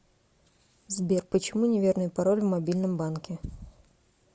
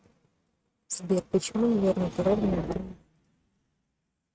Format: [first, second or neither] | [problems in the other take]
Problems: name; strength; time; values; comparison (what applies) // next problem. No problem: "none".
first | noise reduction (neural mask model RNNoise)